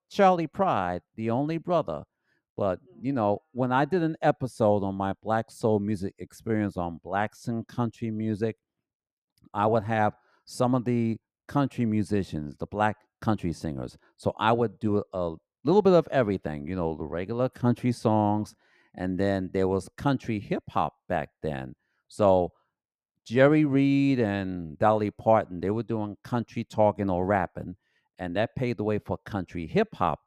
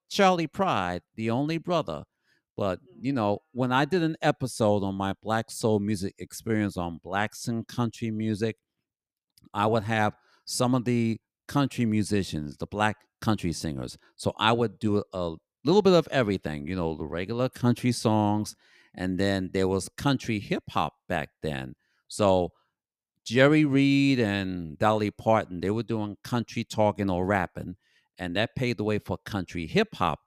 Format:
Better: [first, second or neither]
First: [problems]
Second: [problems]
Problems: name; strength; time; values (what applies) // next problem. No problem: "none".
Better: second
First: muffled; slightly; fading above 2.5 kHz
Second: none